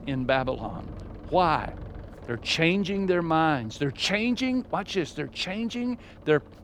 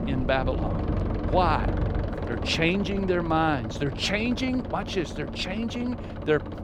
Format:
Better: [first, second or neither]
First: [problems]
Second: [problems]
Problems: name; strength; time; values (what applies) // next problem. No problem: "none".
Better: first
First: low rumble; faint; throughout; 25 dB below the speech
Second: low rumble; loud; throughout; 9 dB below the speech